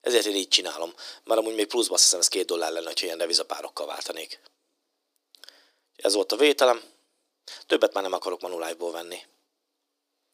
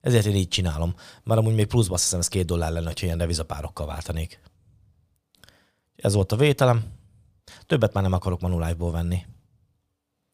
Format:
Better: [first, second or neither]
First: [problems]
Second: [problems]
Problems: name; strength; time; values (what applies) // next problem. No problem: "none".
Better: second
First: thin; very; fading below 300 Hz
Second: none